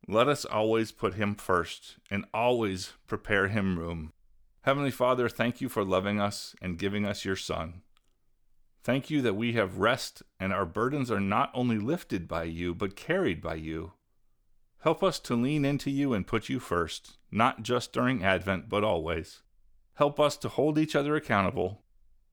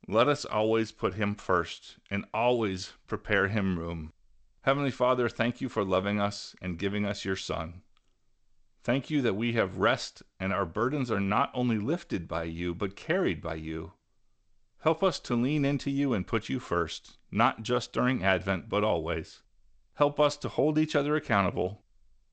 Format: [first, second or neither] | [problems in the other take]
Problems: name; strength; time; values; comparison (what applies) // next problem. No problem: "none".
first | garbled, watery; slightly; nothing above 8 kHz